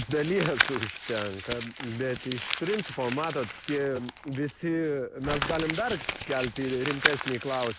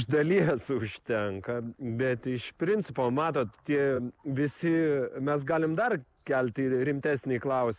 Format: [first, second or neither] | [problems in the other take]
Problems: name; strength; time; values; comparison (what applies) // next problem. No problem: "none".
second | background sound (Crumpling, crinkling); 4 dB below the speech